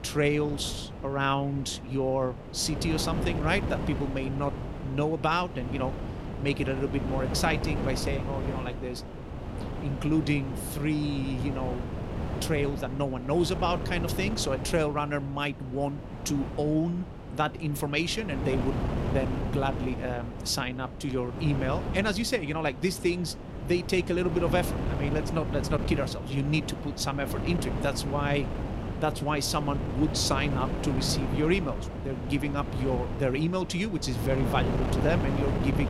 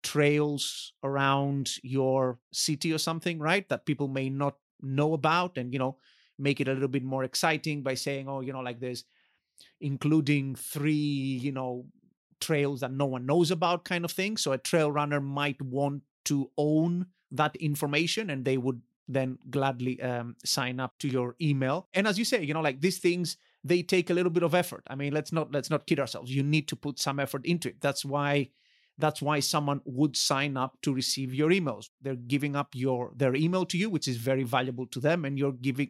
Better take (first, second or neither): second